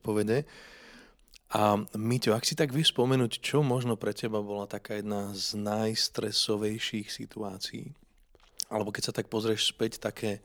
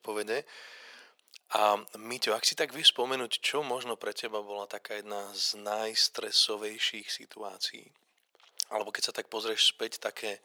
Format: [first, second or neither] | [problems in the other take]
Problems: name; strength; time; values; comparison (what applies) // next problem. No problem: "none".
first | thin; very; fading below 650 Hz